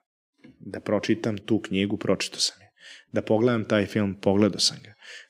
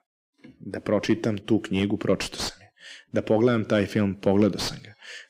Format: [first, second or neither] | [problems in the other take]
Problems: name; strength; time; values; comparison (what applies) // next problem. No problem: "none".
first | distortion; slight; 10 dB below the speech